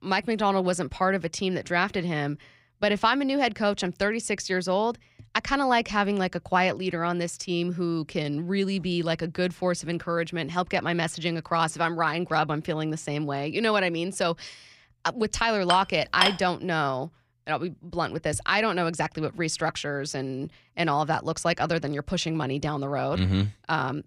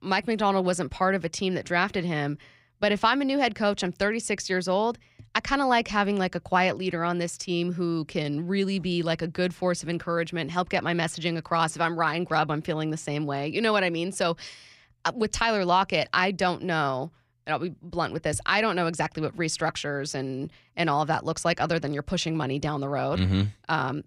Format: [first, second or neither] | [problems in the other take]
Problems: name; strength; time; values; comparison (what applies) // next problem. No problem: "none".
second | clattering dishes; loud; at 16 s; peak 3 dB above the speech